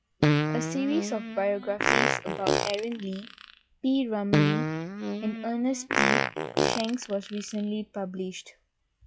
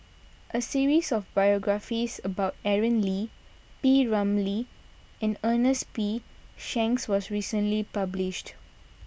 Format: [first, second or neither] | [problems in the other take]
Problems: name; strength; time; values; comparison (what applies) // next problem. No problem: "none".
second | noise reduction (classical method log-MMSE)